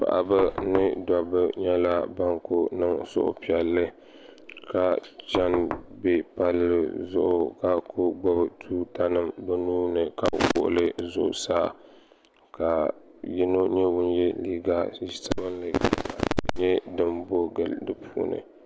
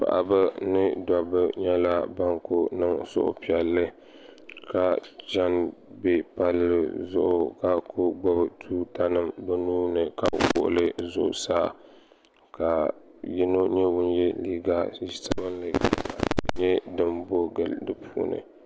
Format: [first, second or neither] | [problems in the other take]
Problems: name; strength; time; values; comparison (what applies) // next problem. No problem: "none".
second | background sound (Knock); 8 dB below the speech